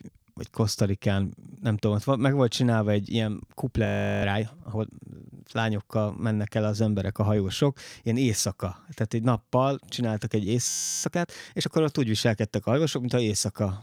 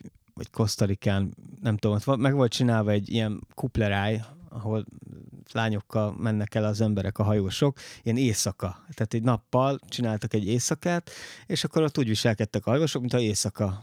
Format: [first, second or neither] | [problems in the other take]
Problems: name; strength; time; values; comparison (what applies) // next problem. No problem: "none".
second | audio freezing; at 4 s and at 11 s